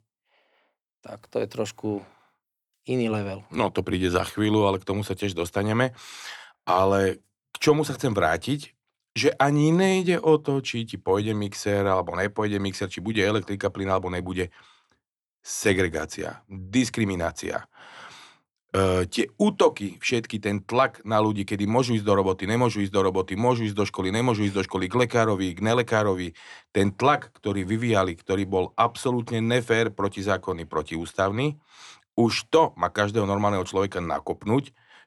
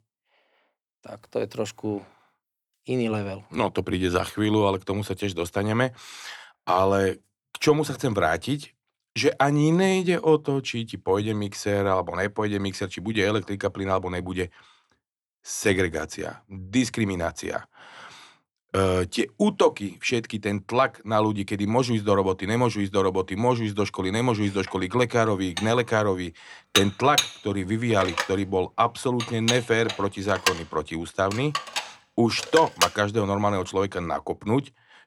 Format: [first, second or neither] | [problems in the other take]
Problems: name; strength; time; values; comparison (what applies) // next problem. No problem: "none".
first | clattering dishes; loud; from 26 to 33 s; peak 1 dB above the speech